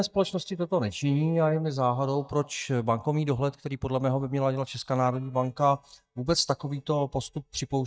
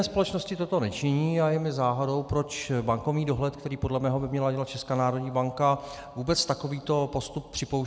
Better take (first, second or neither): second